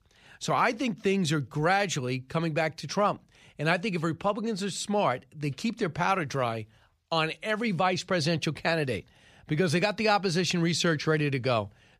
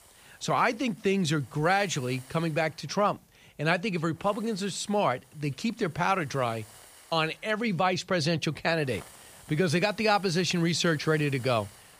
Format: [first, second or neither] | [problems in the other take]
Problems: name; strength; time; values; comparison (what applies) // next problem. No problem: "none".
first | hiss; faint; throughout; 25 dB below the speech